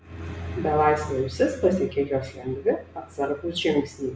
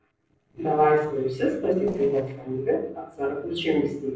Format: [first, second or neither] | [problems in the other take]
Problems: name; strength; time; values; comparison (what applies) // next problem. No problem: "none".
first | noise reduction (neural separator model SepFormer DNS4)